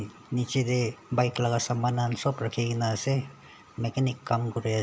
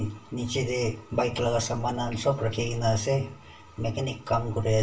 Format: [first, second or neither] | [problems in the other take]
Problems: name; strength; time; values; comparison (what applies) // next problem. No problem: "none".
first | room echo; dies away in 0.3 s